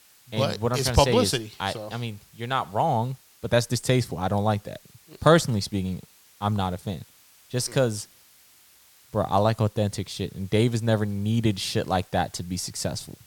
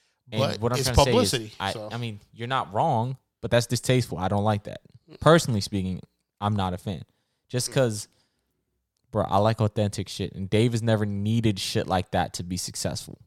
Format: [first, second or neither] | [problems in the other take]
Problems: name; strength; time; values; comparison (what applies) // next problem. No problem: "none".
second | hiss; faint; throughout; 30 dB below the speech